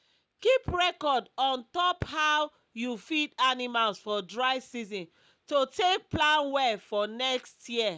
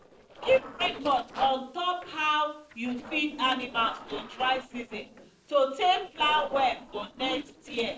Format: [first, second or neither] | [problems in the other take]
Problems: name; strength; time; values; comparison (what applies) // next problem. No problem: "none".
first | noise reduction (neural separator model SepFormer DNS4)